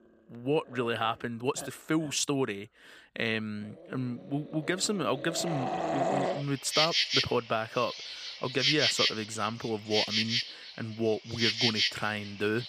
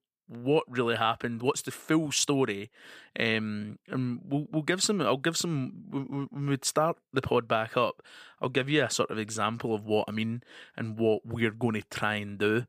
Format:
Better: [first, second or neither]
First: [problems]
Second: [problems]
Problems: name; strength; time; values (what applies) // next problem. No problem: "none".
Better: second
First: animal sounds; very loud; throughout; 3 dB above the speech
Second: none